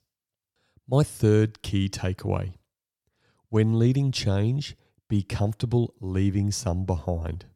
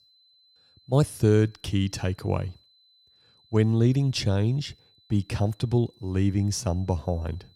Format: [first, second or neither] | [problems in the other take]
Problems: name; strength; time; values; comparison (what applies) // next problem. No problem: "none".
first | high-pitched whine; faint; throughout; 4 kHz, 35 dB below the speech